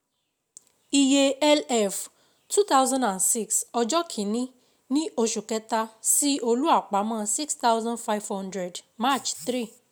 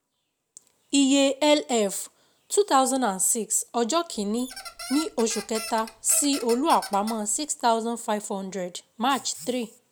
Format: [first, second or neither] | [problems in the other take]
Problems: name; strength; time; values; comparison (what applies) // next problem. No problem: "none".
first | background sound (Squeak); 13 dB below the speech